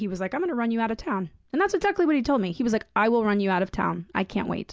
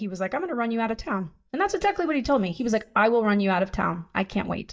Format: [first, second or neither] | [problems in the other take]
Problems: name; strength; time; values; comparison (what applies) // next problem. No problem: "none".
first | noise reduction (neural mask model DeepFilterNet 3)